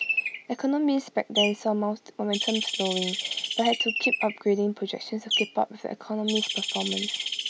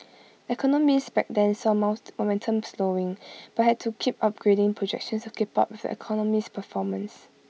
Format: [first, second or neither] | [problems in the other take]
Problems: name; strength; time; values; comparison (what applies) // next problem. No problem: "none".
second | background sound (Bird); 3 dB below the speech